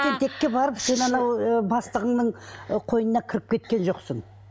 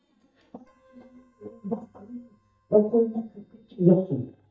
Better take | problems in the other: first | noise reduction (neural mask model DeepFilterNet 3)

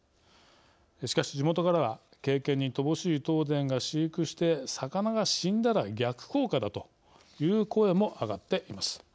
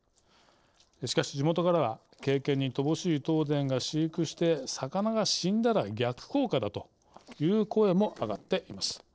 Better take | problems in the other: first | noise reduction (neural separator model SepFormer DNS4)

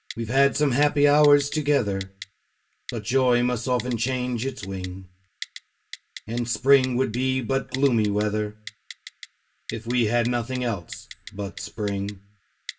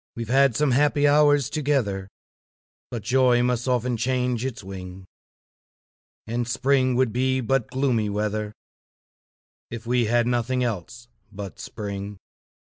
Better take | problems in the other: second | background sound (Typing); 18 dB below the speech // room echo; dies away in 0.2 s

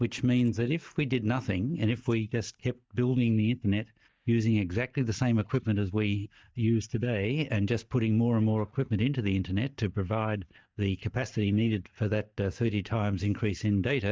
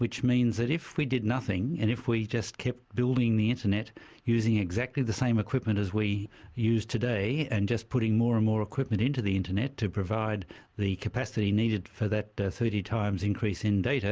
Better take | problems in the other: second | noise reduction (neural mask model DeepFilterNet 3)

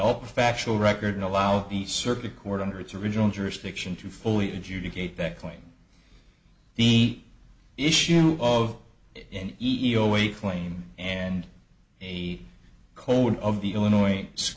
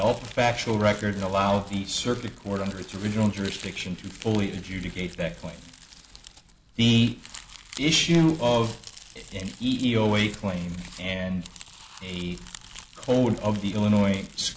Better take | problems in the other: first | background sound (Crumpling, crinkling); 20 dB below the speech

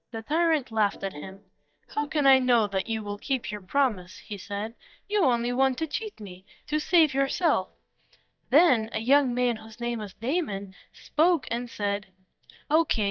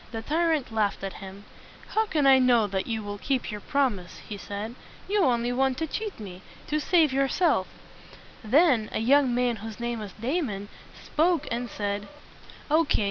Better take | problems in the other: second | noise reduction (neural mask model DeepFilterNet 3)

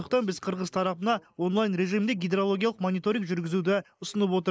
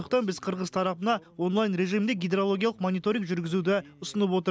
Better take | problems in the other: second | noise reduction (neural mask model Resemble Enhance denoiser)

